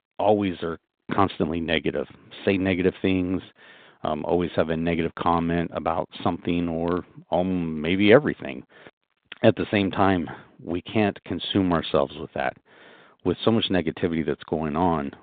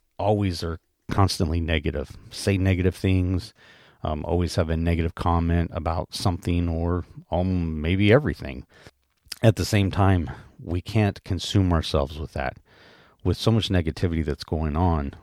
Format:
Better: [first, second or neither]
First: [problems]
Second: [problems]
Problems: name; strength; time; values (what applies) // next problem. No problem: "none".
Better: second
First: phone-call audio; nothing above 3.5 kHz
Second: none